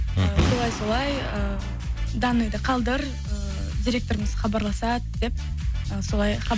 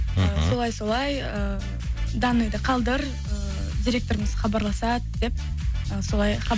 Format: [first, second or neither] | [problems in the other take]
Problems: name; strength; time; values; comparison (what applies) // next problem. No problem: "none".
second | background sound (Boom); 7 dB below the speech